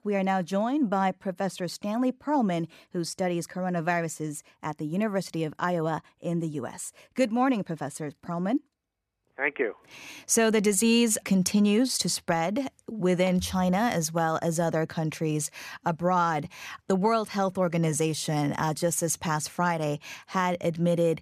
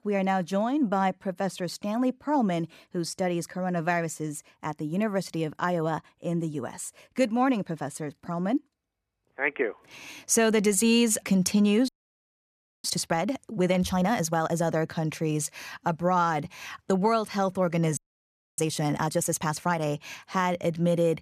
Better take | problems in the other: first | audio freezing; at 12 s for 1 s and at 18 s for 0.5 s

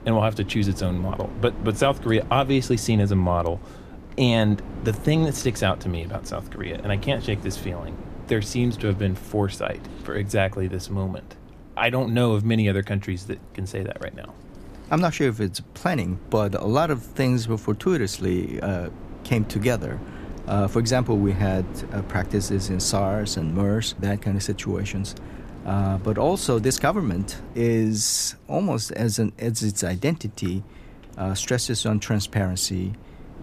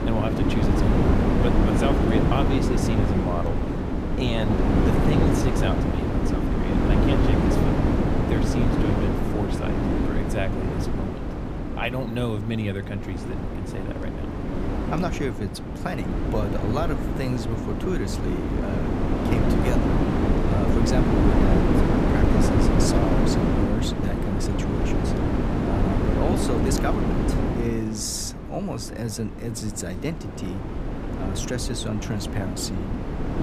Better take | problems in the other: first | wind noise on the microphone; heavy; 4 dB above the speech; occasional gusts in the first

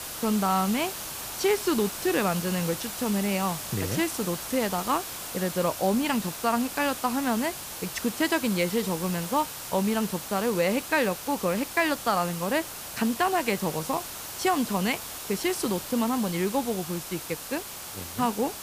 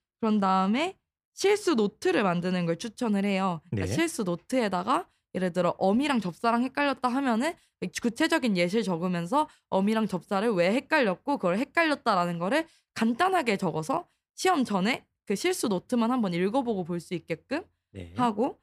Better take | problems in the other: second | hiss; loud; throughout; 7 dB below the speech

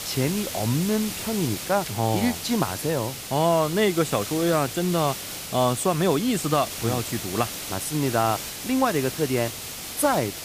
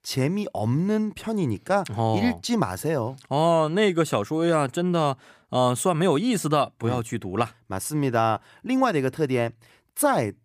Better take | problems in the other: second | hiss; loud; throughout; 7 dB below the speech

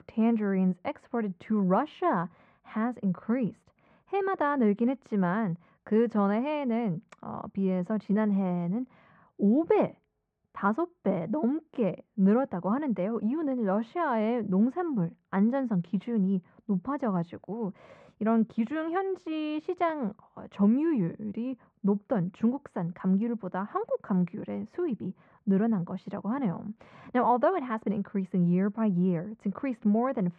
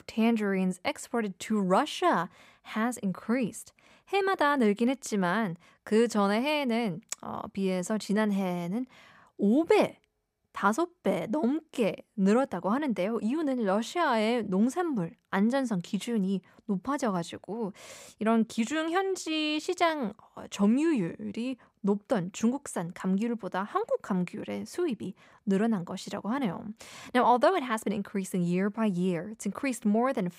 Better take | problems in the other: second | muffled; very; fading above 1.5 kHz

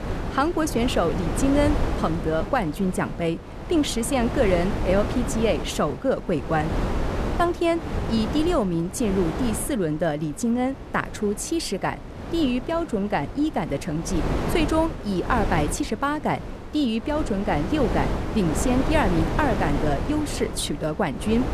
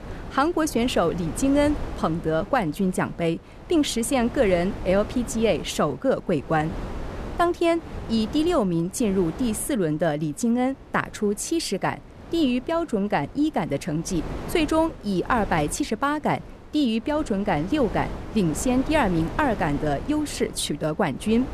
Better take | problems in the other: second | wind noise on the microphone; heavy; 7 dB below the speech; occasional gusts in the second

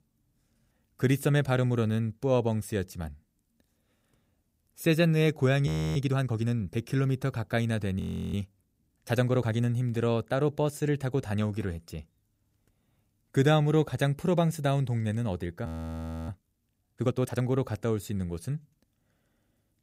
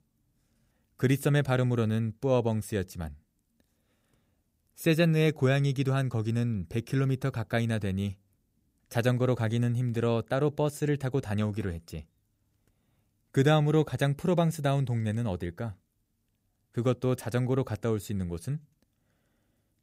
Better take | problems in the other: second | audio freezing; at 5.5 s, at 8 s and at 16 s for 0.5 s

